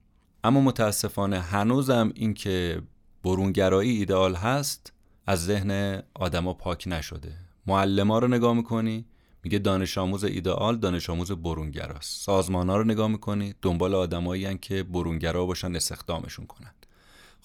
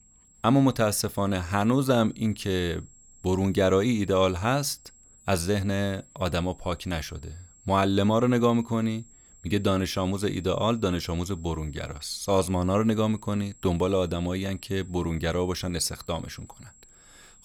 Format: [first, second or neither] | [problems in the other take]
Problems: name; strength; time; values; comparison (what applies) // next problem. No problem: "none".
first | high-pitched whine; faint; throughout; 7.5 kHz, 25 dB below the speech